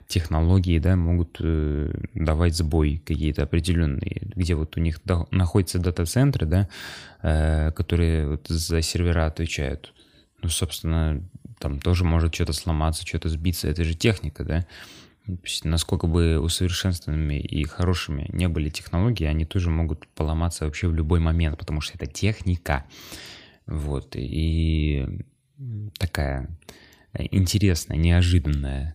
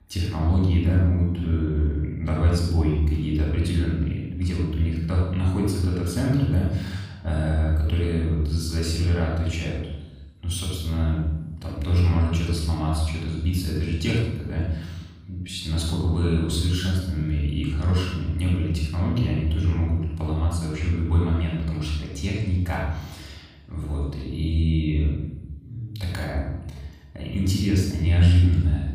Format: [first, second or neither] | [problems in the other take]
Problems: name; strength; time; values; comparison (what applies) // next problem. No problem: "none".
first | room echo; noticeable; dies away in 0.9 s // off-mic speech; far